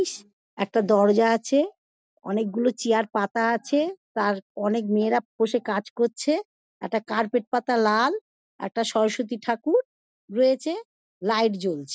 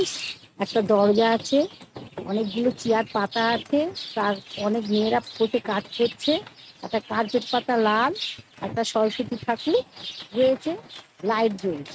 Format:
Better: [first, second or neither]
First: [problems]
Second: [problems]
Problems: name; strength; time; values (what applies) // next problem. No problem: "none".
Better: first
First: none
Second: noise reduction (neural mask model RNNoise)